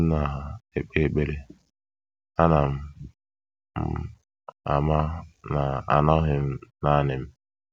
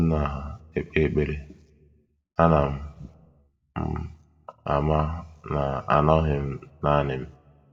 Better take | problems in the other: first | room echo; dies away in 0.5 s

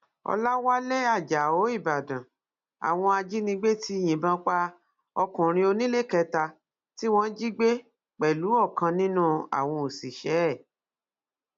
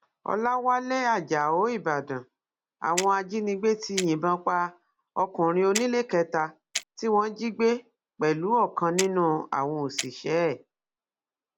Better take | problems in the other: first | background sound (Clock); 12 dB below the speech

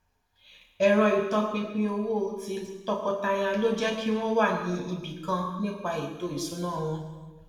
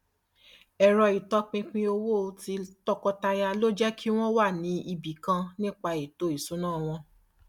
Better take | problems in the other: second | room echo; dies away in 1.2 s

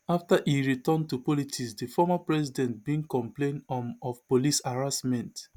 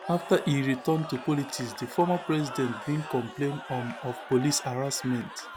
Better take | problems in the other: first | background sound (Crowd / Cheering); 12 dB below the speech

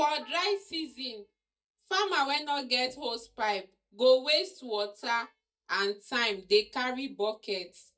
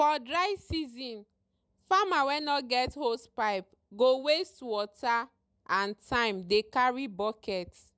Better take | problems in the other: second | noise reduction (neural mask model DeepFilterNet 3)

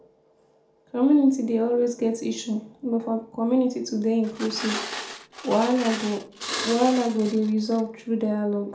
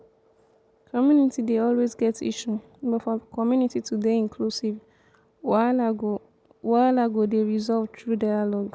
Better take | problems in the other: second | background sound (Glass); 10 dB below the speech // room echo; dies away in 0.4 s

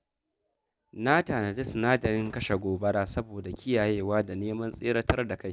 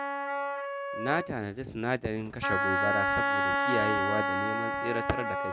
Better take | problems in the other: first | background sound (Wind instrument, woodwind instrument); 3 dB above the speech

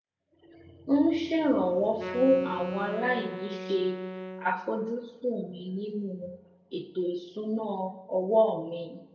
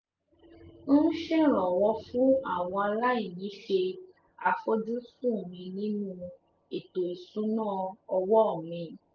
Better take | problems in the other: second | background sound (Wind instrument, woodwind instrument); 9 dB below the speech // room echo; dies away in 0.7 s

